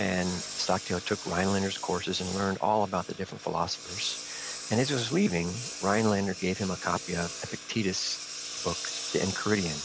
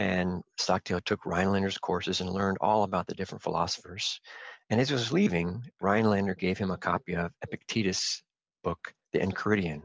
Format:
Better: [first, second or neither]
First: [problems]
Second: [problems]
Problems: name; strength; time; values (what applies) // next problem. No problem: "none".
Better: second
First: background sound (Engine); 9 dB below the speech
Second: none